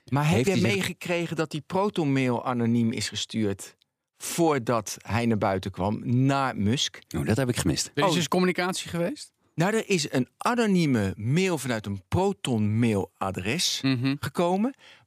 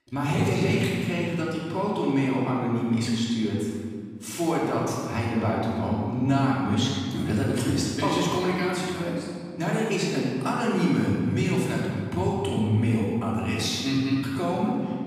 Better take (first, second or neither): first